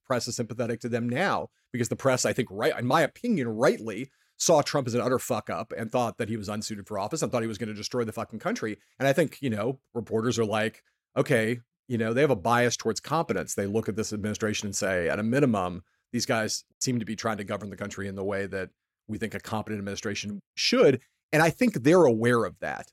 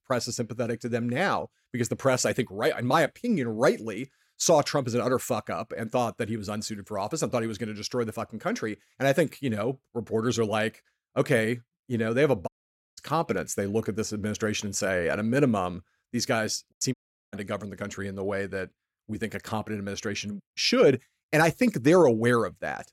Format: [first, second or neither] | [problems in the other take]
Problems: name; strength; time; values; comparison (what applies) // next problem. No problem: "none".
first | audio cutting out; at 12 s and at 17 s